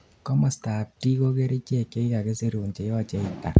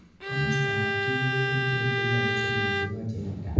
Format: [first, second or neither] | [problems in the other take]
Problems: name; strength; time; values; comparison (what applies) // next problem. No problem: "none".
first | background sound (Bowed string instrument); as loud as the speech // room echo; dies away in 1.1 s